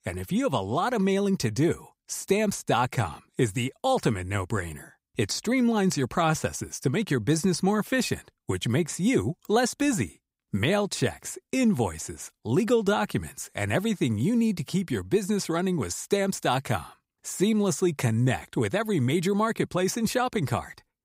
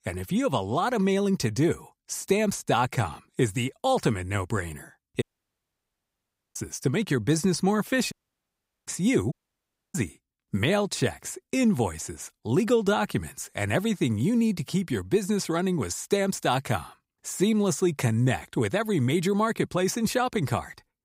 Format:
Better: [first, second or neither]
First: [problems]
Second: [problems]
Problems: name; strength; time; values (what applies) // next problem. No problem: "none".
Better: first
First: none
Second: audio cutting out; at 5 s for 1.5 s, at 8 s for 1 s and at 9.5 s for 0.5 s